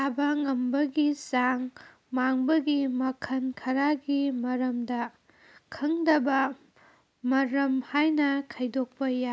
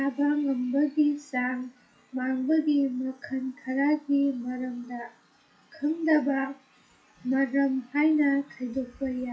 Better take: first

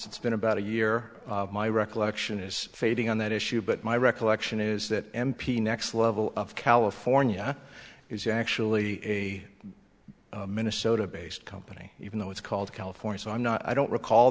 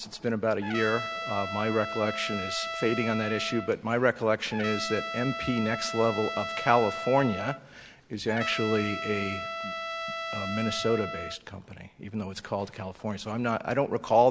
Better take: first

